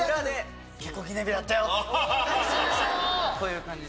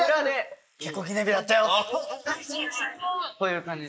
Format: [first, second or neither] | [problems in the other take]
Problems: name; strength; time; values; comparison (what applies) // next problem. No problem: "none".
first | noise reduction (neural mask model Resemble Enhance denoiser)